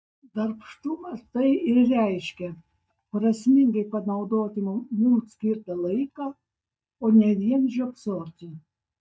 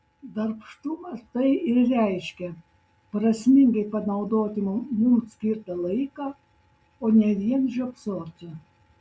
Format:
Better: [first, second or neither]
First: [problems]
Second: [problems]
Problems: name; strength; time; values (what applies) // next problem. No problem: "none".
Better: second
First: noise reduction (neural mask model DeepFilterNet 3)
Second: none